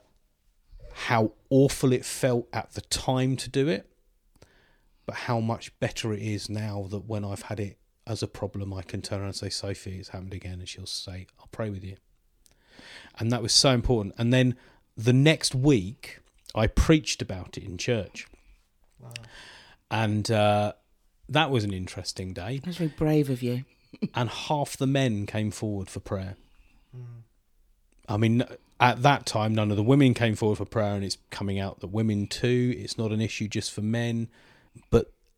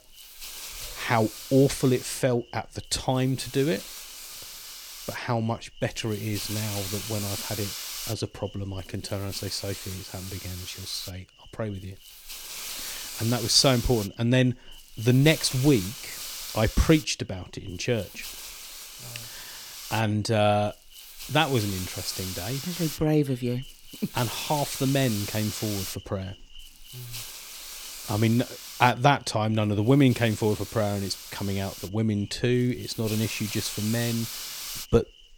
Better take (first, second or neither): first